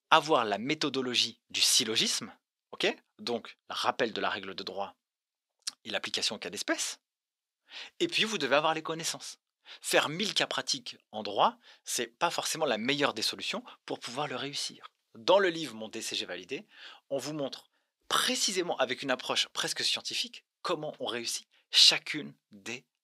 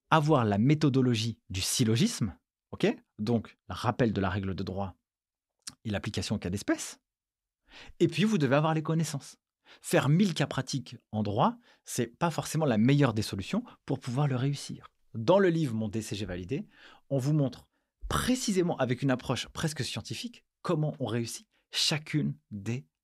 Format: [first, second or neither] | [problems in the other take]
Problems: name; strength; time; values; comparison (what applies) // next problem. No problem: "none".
second | thin; somewhat; fading below 450 Hz